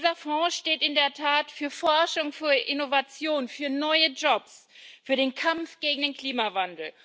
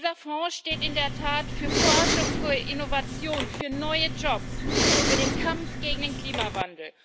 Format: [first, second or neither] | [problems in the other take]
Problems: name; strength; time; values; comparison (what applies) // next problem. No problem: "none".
first | background sound (Respiratory sounds); 3 dB above the speech